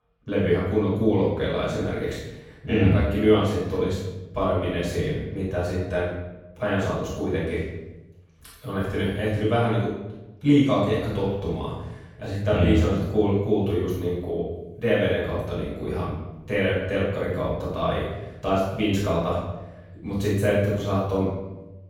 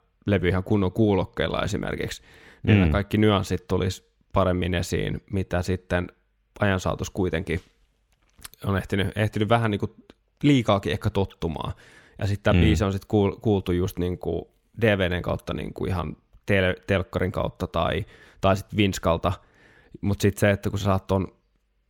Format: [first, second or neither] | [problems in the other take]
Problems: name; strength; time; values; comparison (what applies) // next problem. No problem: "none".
second | off-mic speech; far // room echo; strong; dies away in 0.9 s